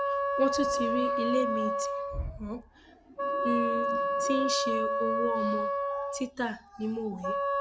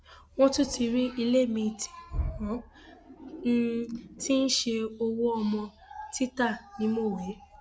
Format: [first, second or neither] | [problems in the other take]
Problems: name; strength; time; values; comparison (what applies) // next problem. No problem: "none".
second | background sound (Wind instrument, woodwind instrument); 3 dB above the speech